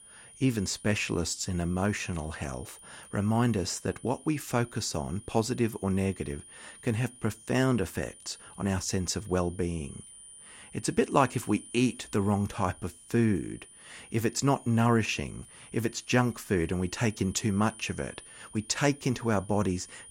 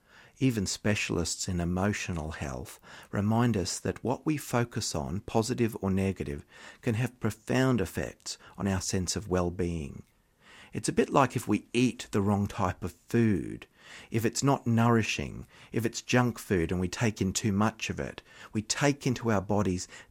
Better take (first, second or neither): second